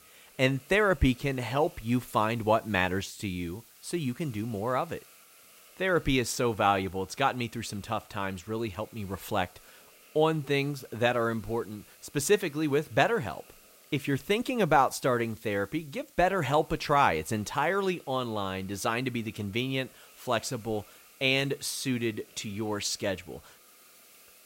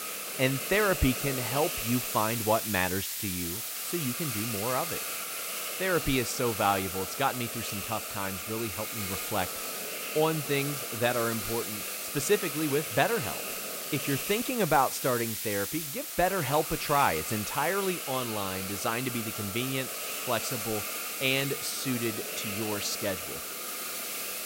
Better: first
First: hiss; faint; throughout; 25 dB below the speech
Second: hiss; loud; throughout; 2 dB below the speech

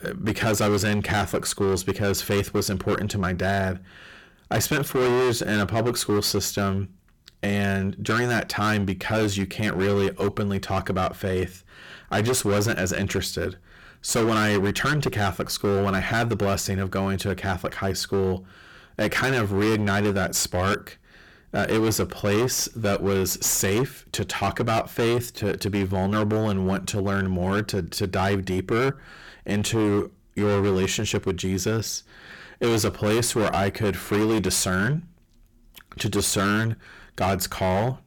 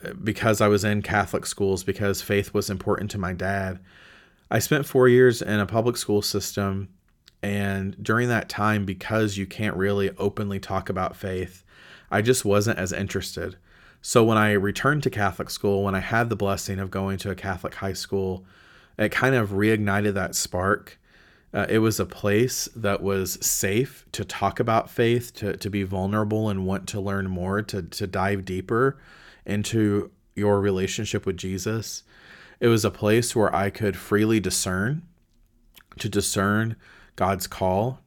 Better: second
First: distortion; heavy; 19% of the sound clipped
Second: none

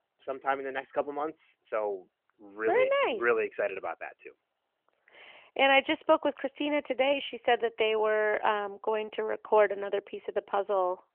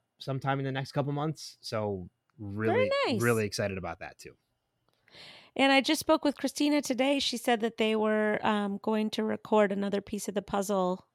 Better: second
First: phone-call audio; nothing above 3 kHz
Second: none

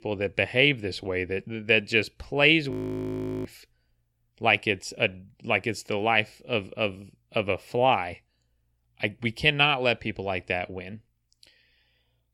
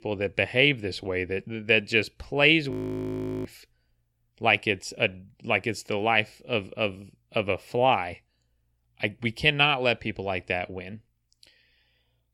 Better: neither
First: audio freezing; at 2.5 s for 0.5 s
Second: audio freezing; at 2.5 s for 0.5 s

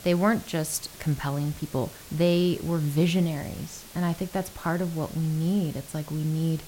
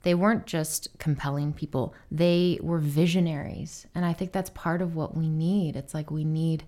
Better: second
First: hiss; noticeable; throughout; 15 dB below the speech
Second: none

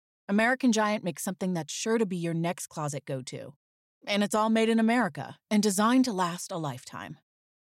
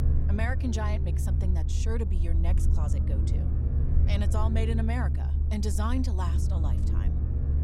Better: first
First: none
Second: low rumble; loud; throughout; 5 dB below the speech

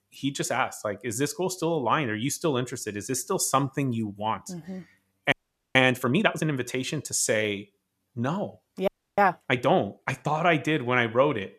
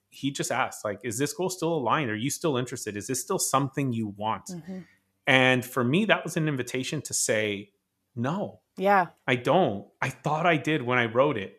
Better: second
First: audio freezing; at 5.5 s and at 9 s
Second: none

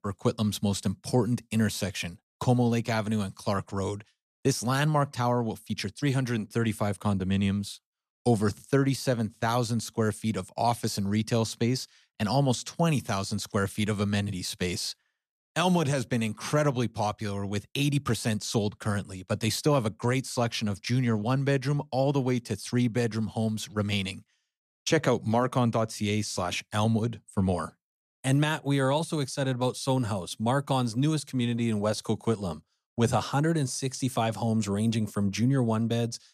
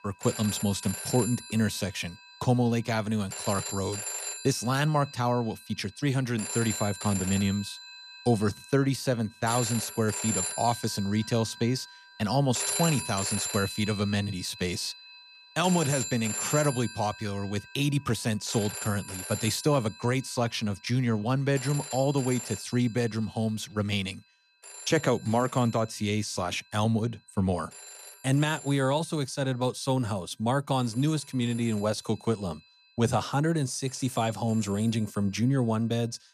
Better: first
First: none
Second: alarms or sirens; loud; throughout; 7 dB below the speech

